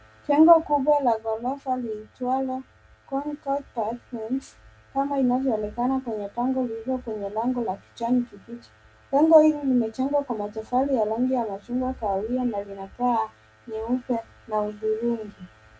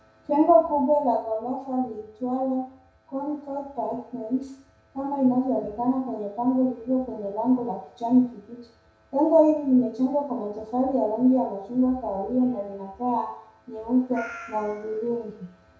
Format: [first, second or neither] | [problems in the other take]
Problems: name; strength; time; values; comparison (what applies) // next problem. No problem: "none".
first | background sound (Meow); 17 dB below the speech // room echo; dies away in 0.6 s